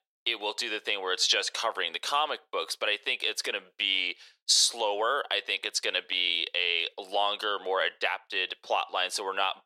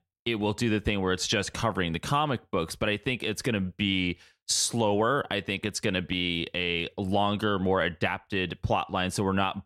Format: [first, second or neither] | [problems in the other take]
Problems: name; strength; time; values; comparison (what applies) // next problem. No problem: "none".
second | thin; very; fading below 450 Hz